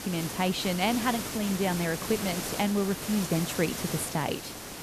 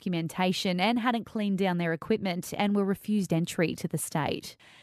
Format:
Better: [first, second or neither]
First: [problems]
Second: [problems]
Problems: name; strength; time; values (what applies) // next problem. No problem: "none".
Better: second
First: hiss; loud; throughout; 5 dB below the speech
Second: none